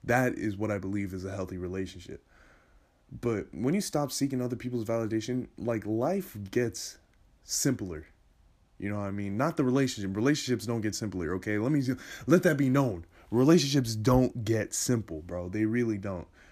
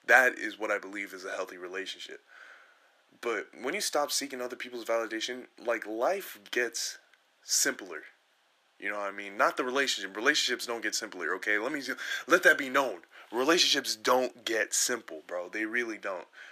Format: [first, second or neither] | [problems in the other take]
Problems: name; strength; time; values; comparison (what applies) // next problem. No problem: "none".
first | thin; very; fading below 450 Hz